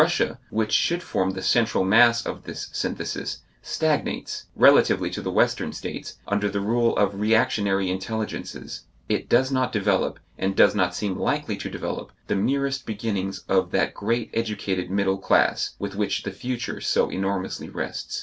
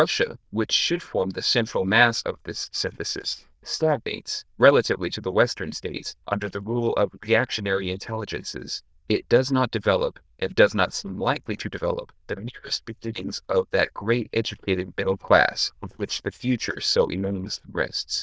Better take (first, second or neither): first